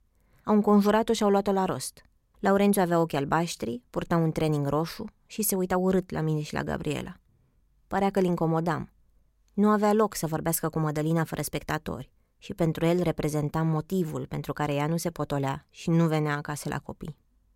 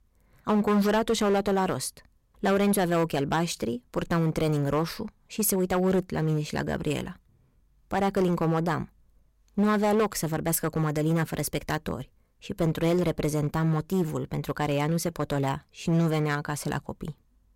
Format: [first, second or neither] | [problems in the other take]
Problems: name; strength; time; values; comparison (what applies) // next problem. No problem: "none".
first | distortion; slight; 7% of the sound clipped